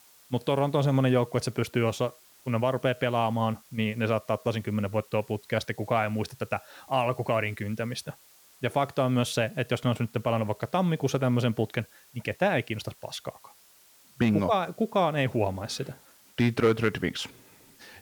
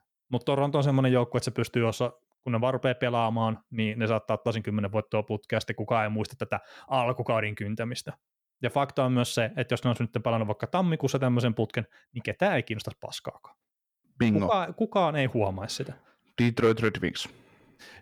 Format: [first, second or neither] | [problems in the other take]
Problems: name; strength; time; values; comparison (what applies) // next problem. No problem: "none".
second | hiss; faint; throughout; 25 dB below the speech